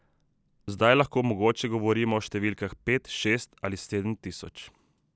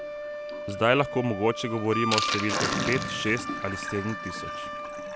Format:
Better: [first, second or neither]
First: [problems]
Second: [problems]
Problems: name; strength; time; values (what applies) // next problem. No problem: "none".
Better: first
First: none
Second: background sound (Sink (filling or washing) + Wind instrument, woodwind instrument); 3 dB below the speech